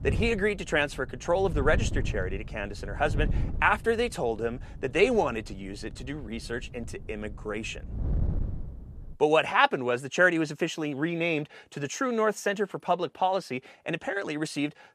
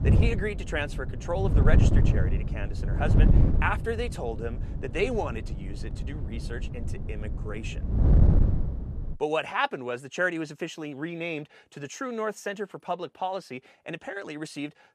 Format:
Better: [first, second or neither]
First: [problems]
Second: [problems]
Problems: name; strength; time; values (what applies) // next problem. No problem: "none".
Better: first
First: wind noise on the microphone; occasional gusts; until 9 s; 20 dB below the speech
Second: wind noise on the microphone; heavy; until 9 s; 7 dB below the speech